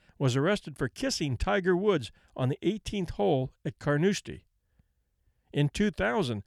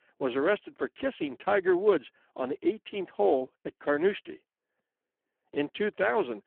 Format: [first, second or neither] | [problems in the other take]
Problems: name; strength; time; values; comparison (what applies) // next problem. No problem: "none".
first | phone-call audio; poor line